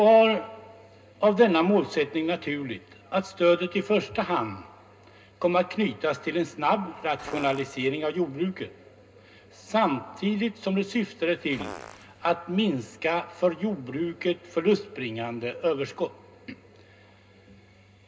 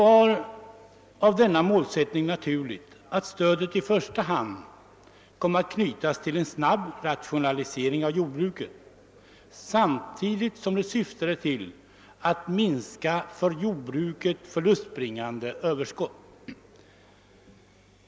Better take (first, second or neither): second